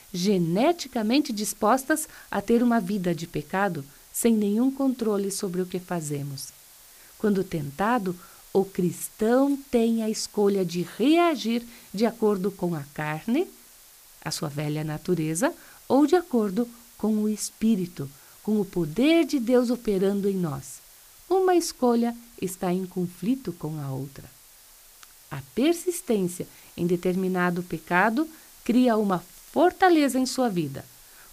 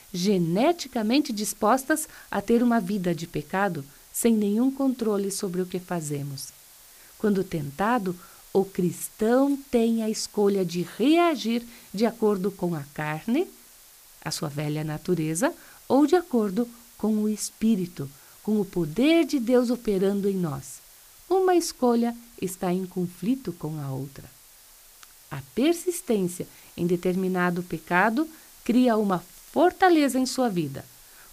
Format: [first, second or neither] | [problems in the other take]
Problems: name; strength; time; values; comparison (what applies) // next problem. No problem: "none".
neither | hiss; faint; throughout; 25 dB below the speech; the same in both